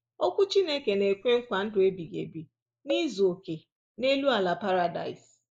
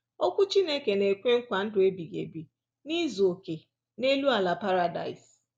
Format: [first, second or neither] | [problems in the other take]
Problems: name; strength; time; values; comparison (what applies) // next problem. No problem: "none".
second | noise reduction (neural mask model Resemble Enhance denoiser)